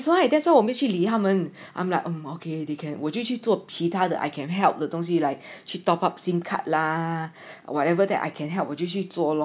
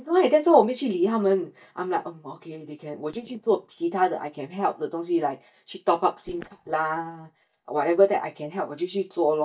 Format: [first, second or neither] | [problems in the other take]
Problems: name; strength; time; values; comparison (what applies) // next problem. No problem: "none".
first | noise reduction (neural mask model DeepFilterNet 3)